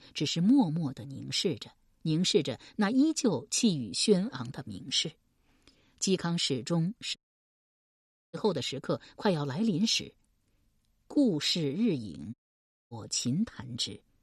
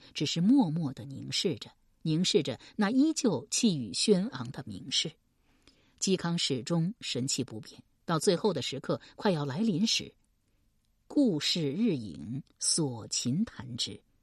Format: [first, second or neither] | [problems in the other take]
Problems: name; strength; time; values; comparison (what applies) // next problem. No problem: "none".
second | audio cutting out; at 7 s for 1 s and at 12 s for 0.5 s